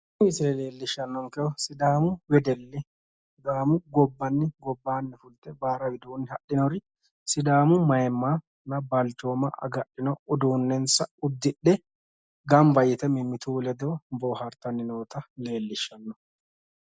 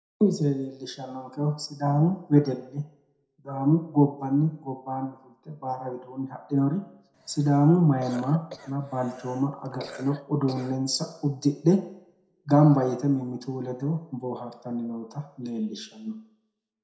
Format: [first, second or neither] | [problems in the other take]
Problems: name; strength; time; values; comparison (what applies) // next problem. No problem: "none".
first | background sound (Cough); 18 dB below the speech // room echo; dies away in 0.5 s